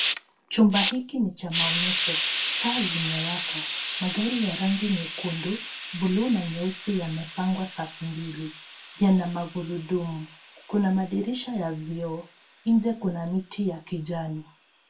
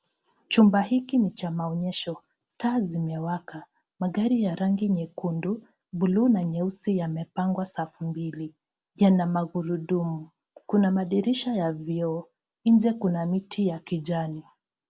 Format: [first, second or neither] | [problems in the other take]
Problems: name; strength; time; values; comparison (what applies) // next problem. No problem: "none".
second | background sound (Hiss); 6 dB below the speech // room echo; dies away in 0.2 s